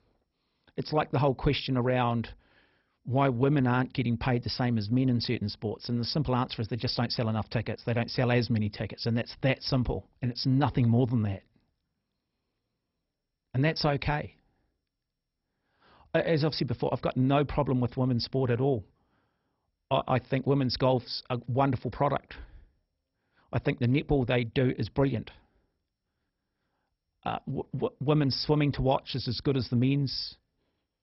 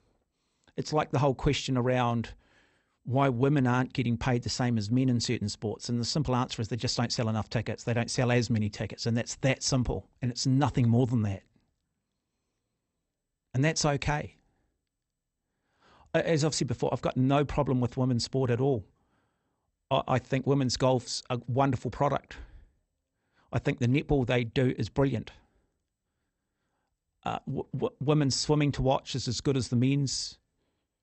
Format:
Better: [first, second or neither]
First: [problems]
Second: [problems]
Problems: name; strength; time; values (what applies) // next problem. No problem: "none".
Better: second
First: garbled, watery; badly; nothing above 5.5 kHz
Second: garbled, watery; slightly; nothing above 8 kHz